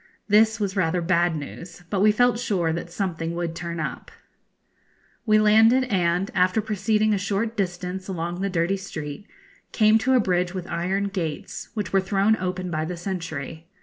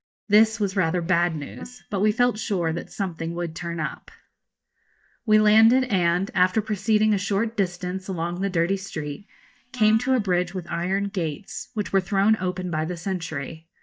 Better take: first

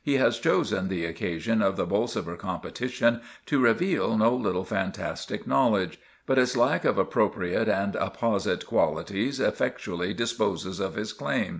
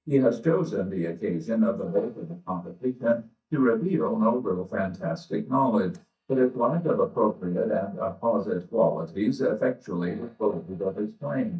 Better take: first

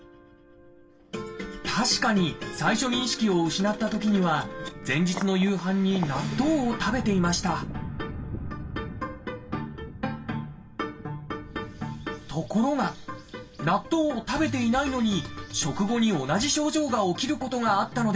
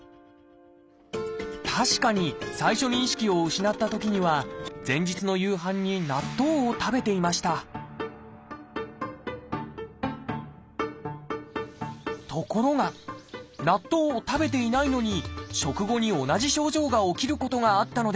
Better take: second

